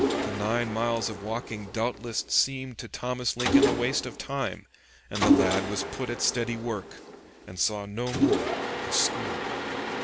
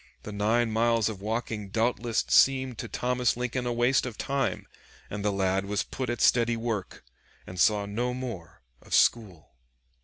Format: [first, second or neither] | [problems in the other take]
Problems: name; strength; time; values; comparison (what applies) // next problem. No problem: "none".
second | background sound (Mechanisms); 1 dB above the speech